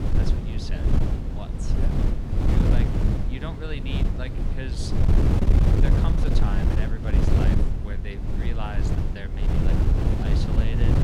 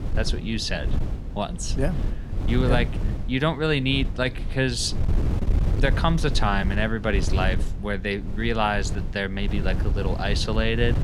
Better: second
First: wind noise on the microphone; heavy; 4 dB above the speech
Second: wind noise on the microphone; occasional gusts; 15 dB below the speech

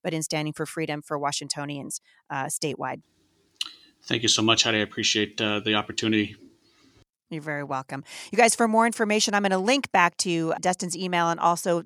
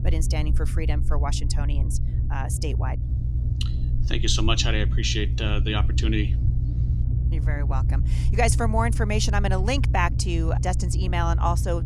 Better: first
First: none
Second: low rumble; noticeable; throughout; 10 dB below the speech

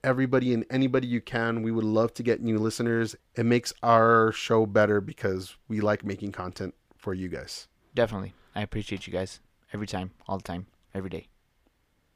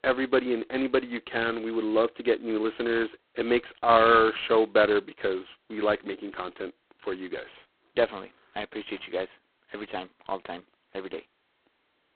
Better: first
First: none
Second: phone-call audio; poor line; nothing above 4 kHz

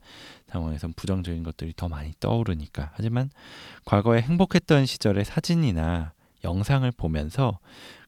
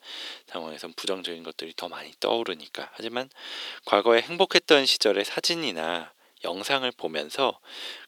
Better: first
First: none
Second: thin; very; fading below 350 Hz

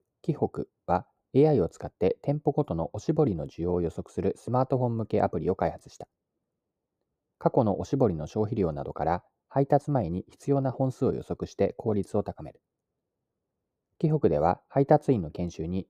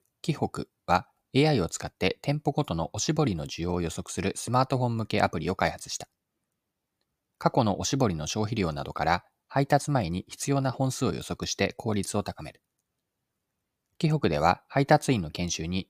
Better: second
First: muffled; very; fading above 1.5 kHz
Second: none

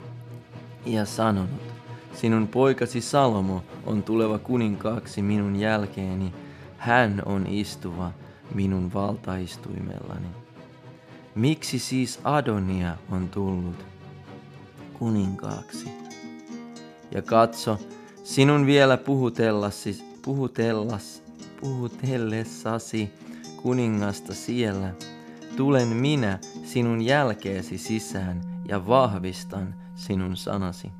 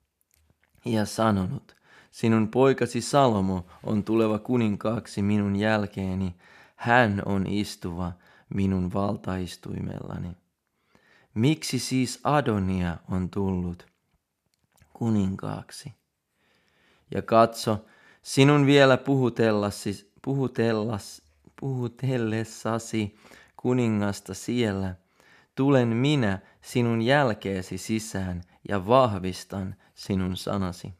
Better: second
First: background music; noticeable; throughout; 15 dB below the speech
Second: none

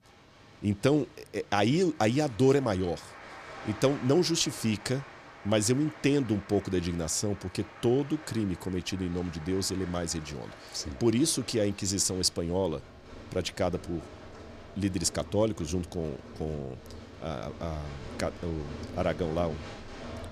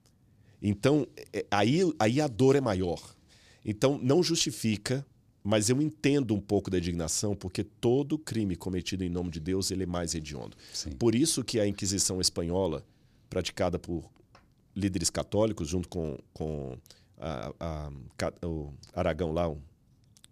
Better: second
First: crowd noise; noticeable; throughout; 15 dB below the speech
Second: none

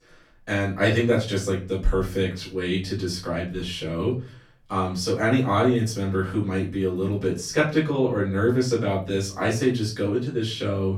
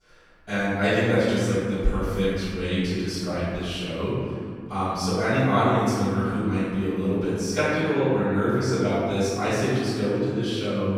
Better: first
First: room echo; slight; dies away in 0.3 s // off-mic speech; far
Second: room echo; strong; dies away in 2.1 s // off-mic speech; far

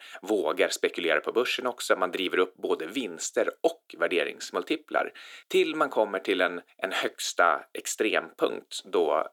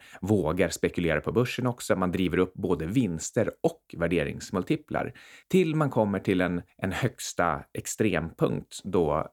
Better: second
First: thin; somewhat; fading below 350 Hz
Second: none

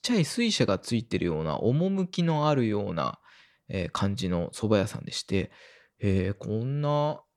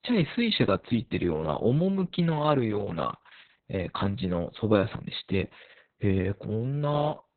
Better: first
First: none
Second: garbled, watery; badly; nothing above 4 kHz

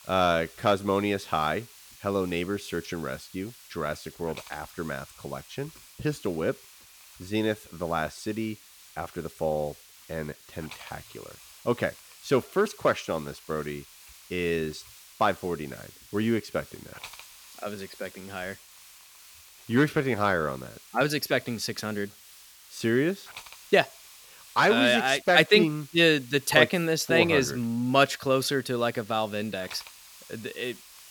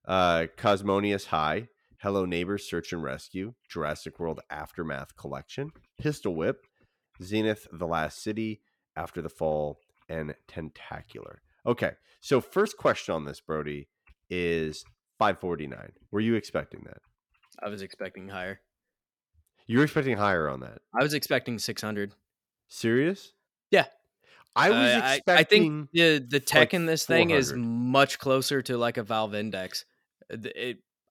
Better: second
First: hiss; faint; throughout; 20 dB below the speech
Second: none

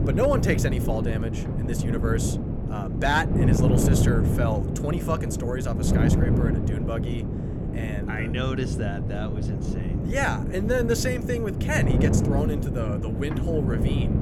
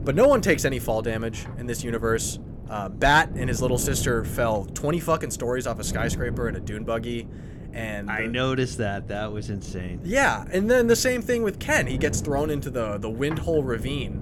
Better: second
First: wind noise on the microphone; heavy; 4 dB below the speech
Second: wind noise on the microphone; occasional gusts; 20 dB below the speech

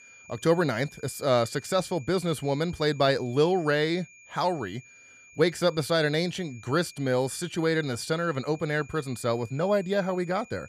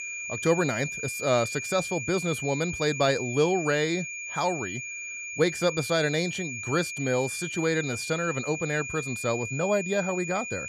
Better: first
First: high-pitched whine; faint; throughout; 2.5 kHz, 25 dB below the speech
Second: high-pitched whine; loud; throughout; 2.5 kHz, 6 dB below the speech

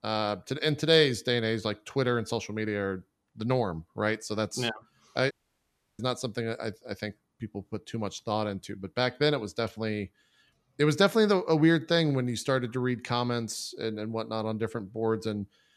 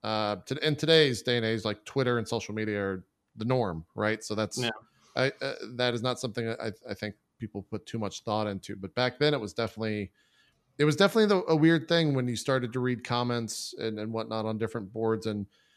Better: second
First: audio cutting out; at 5.5 s for 0.5 s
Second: none

